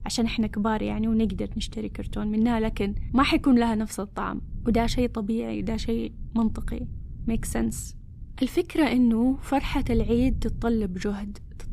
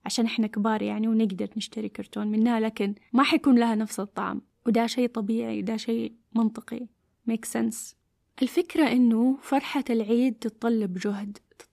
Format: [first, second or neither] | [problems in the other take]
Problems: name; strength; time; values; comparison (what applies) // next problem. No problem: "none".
second | low rumble; faint; throughout; 25 dB below the speech